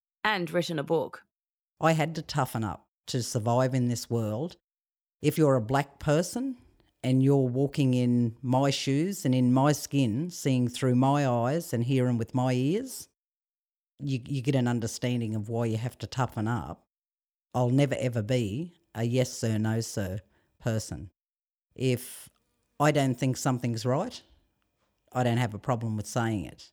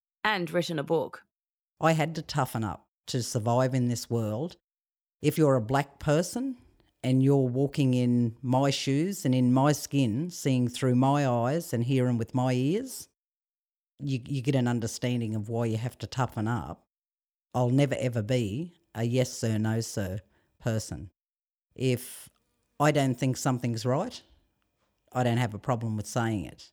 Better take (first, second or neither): neither